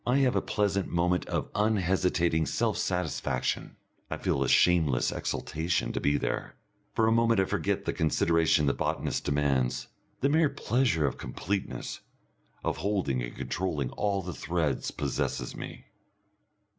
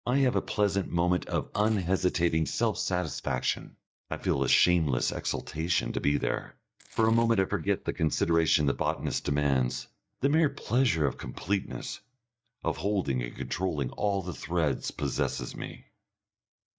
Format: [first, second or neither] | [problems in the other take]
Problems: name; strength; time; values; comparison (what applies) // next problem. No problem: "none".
first | noise reduction (neural mask model DeepFilterNet 3)